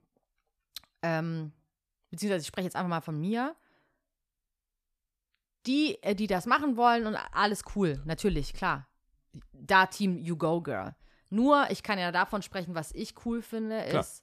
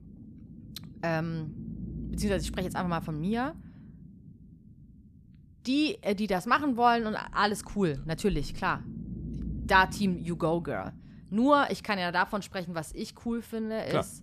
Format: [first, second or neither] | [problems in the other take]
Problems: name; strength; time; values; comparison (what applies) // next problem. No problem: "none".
first | low rumble; faint; throughout; 25 dB below the speech